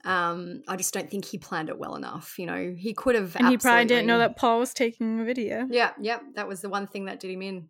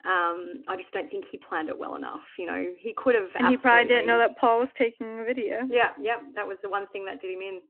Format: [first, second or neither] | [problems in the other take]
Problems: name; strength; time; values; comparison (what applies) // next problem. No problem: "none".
first | phone-call audio